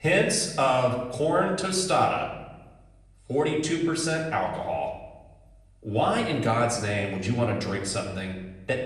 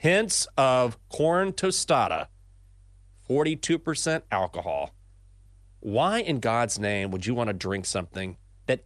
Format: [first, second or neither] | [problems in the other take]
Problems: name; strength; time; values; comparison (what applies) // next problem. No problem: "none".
second | off-mic speech; far // room echo; slight; dies away in 0.9 s